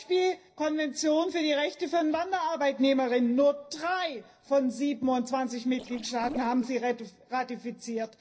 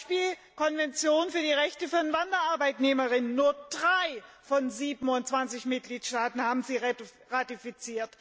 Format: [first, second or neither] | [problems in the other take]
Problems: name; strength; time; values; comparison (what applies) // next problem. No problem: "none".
second | noise reduction (neural separator model SepFormer DNS4)